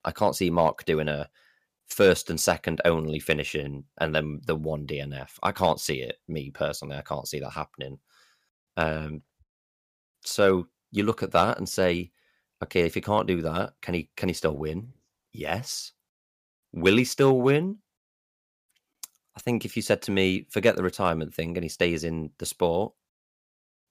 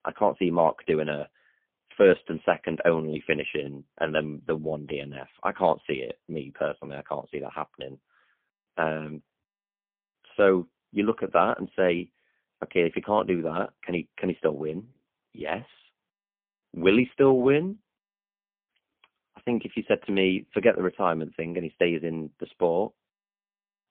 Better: first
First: none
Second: phone-call audio; poor line; nothing above 3.5 kHz

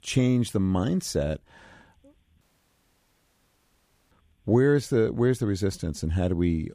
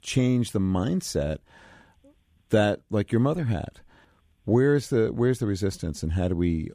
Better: second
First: audio cutting out; at 2.5 s for 1.5 s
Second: none

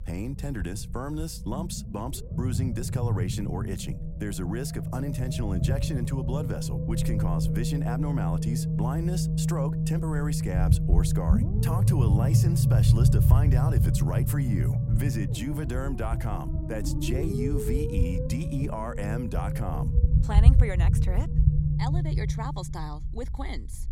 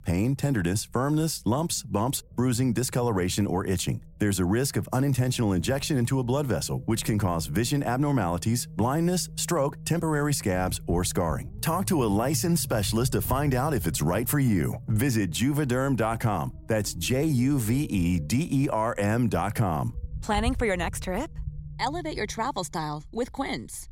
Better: second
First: low rumble; loud; throughout; 1 dB below the speech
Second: low rumble; faint; throughout; 25 dB below the speech

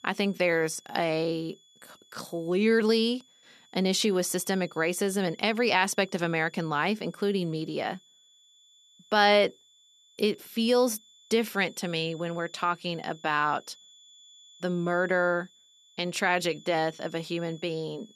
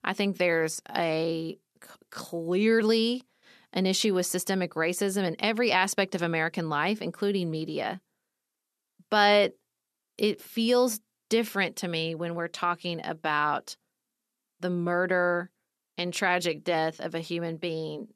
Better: second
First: high-pitched whine; faint; throughout; 3.5 kHz, 25 dB below the speech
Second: none

